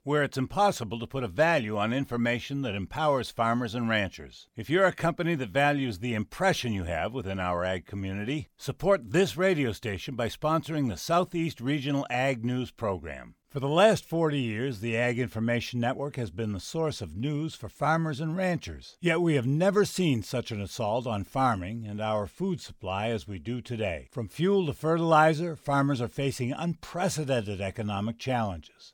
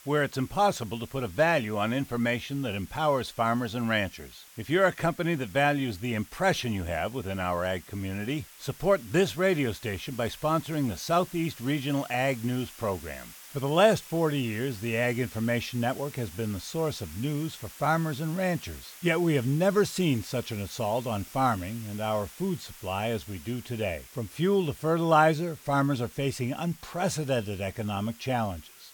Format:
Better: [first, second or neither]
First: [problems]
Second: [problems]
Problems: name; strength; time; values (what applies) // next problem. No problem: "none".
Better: first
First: none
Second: hiss; noticeable; throughout; 20 dB below the speech